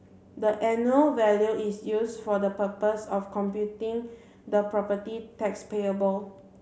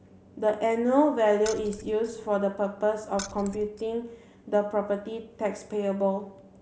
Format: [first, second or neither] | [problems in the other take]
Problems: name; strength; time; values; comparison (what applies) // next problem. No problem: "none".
first | background sound (Keys jangling); 15 dB below the speech